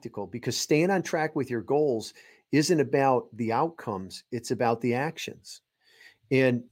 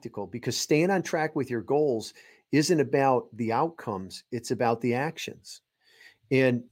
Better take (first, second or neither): neither